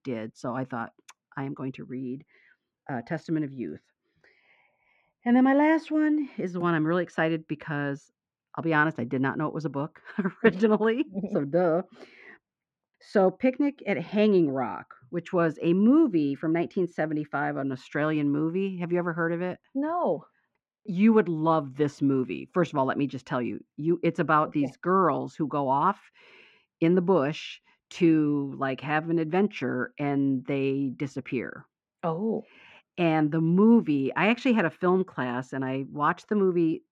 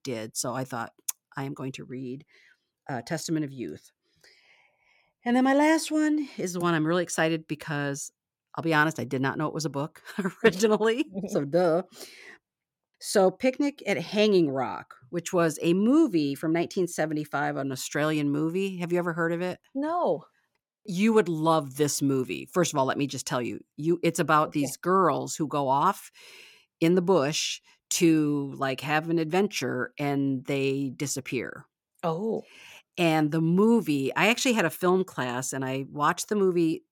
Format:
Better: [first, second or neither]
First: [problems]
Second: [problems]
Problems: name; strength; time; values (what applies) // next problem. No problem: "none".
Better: second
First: muffled; very; fading above 2 kHz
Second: none